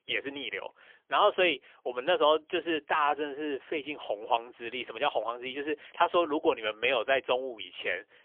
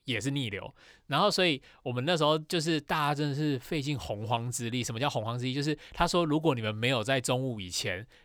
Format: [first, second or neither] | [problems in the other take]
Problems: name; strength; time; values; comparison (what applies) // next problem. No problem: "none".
second | phone-call audio; poor line; nothing above 3.5 kHz